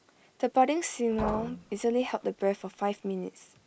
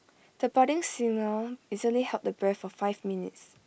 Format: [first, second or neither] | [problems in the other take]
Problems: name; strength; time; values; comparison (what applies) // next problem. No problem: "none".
second | background sound (Liquid); 12 dB below the speech